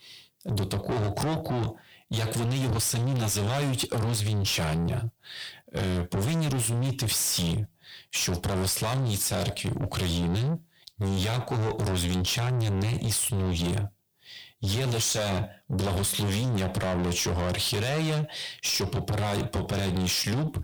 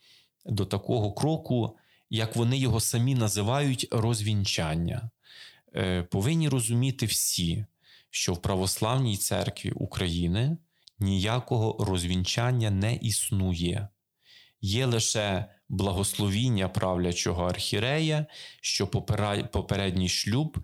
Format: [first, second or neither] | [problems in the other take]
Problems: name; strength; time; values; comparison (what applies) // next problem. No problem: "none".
second | distortion; heavy; 6 dB below the speech